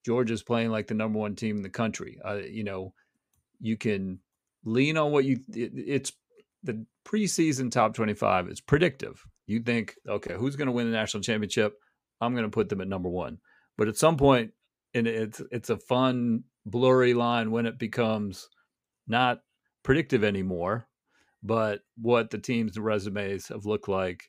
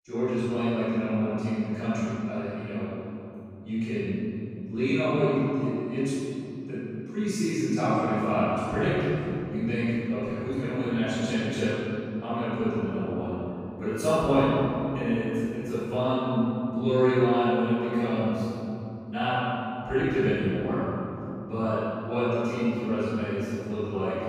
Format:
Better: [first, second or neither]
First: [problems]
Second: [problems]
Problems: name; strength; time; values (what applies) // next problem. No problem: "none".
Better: first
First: none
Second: off-mic speech; far // room echo; strong; dies away in 3 s